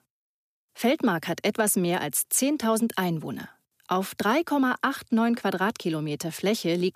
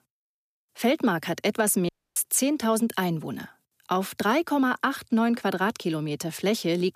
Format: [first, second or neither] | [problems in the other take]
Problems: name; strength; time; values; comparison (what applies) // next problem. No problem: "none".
first | audio cutting out; at 2 s